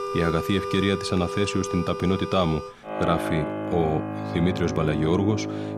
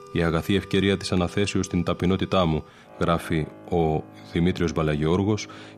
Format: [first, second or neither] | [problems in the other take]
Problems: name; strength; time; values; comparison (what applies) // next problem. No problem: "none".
second | background music; loud; throughout; 5 dB below the speech; faint in the second